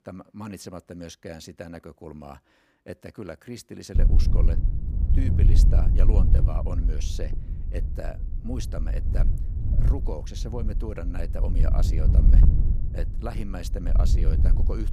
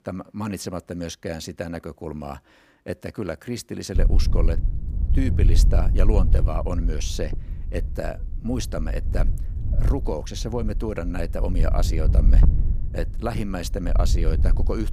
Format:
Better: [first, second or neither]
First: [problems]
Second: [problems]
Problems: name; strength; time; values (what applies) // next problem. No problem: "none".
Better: second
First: wind noise on the microphone; heavy; from 4 s on; 3 dB below the speech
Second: wind noise on the microphone; occasional gusts; from 4 s on; 10 dB below the speech